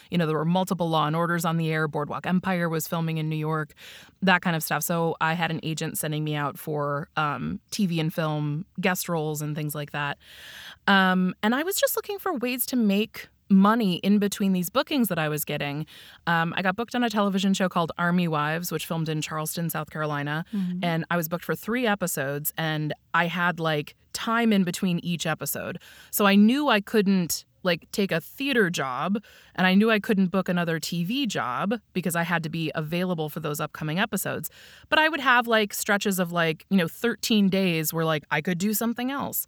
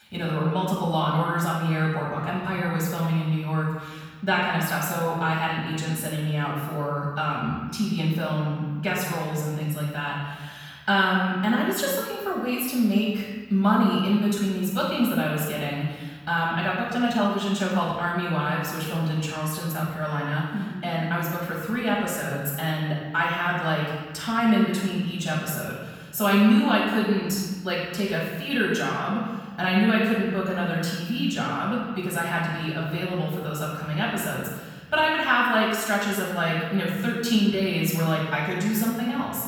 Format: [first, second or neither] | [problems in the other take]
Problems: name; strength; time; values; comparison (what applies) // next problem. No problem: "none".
first | room echo; noticeable; dies away in 1.3 s // off-mic speech; far